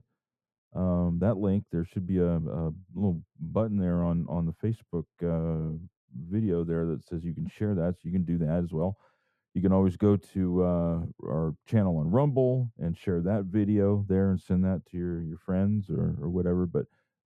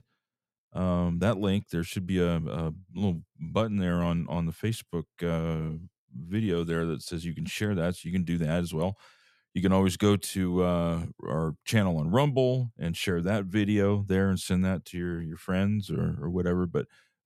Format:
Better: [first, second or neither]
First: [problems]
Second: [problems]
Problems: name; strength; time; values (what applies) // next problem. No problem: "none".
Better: second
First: muffled; very; fading above 1.5 kHz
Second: none